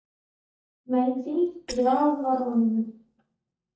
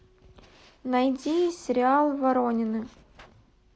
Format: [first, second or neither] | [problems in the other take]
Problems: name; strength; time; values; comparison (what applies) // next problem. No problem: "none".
second | noise reduction (neural mask model DeepFilterNet 3)